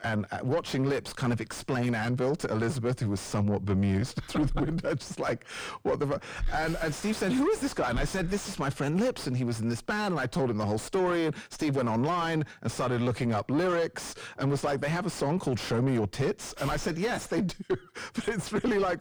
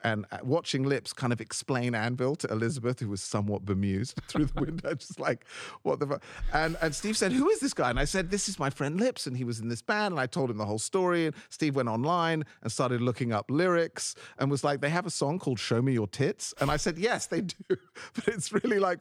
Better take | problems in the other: second | distortion; heavy; 6 dB below the speech

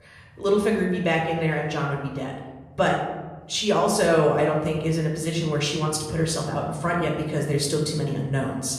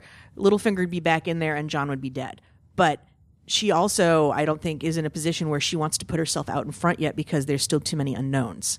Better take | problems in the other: second | room echo; noticeable; dies away in 1 s // off-mic speech; somewhat distant

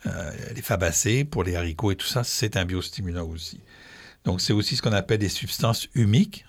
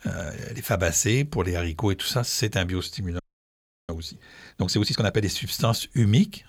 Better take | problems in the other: first | audio freezing; at 3 s for 0.5 s

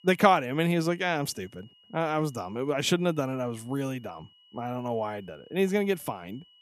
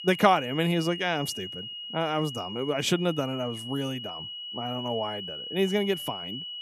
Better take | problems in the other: first | high-pitched whine; loud; throughout; 3 kHz, 8 dB below the speech; faint in the first

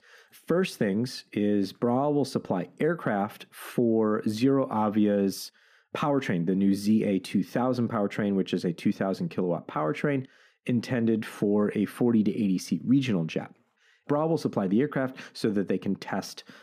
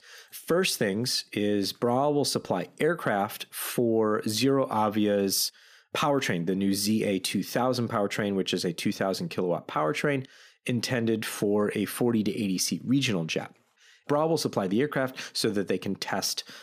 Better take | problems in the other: second | muffled; slightly; fading above 3 kHz

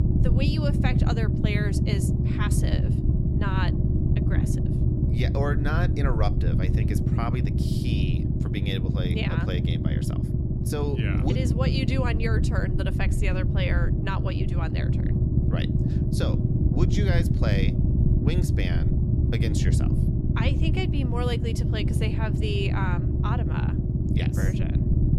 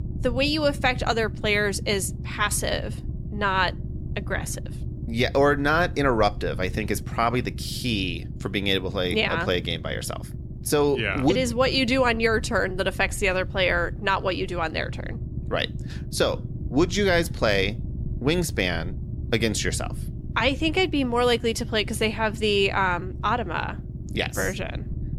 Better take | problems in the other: second | low rumble; loud; throughout; 1 dB below the speech; faint in the second

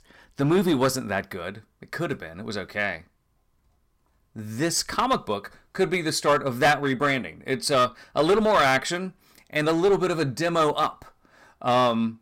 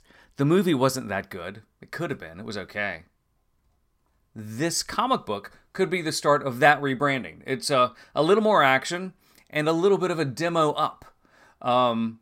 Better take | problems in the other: second | distortion; slight; 4% of the sound clipped

